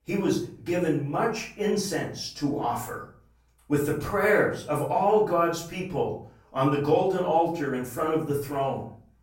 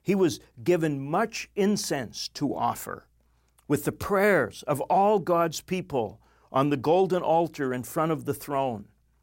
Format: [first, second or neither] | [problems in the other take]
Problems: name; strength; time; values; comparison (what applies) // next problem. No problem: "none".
second | off-mic speech; far // room echo; slight; dies away in 0.4 s